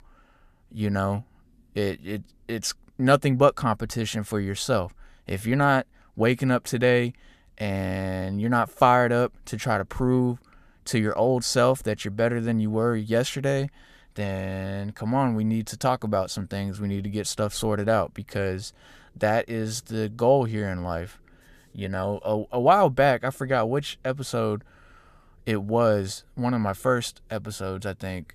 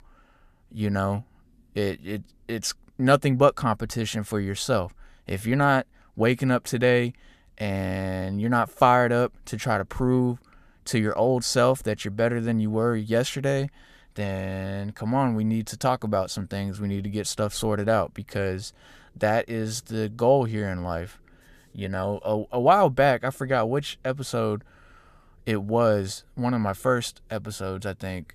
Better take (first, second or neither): neither